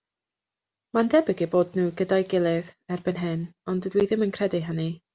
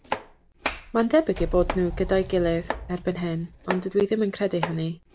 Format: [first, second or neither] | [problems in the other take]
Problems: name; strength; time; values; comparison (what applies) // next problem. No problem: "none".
first | background sound (Sliding door + Domestic sounds, home sounds); 9 dB below the speech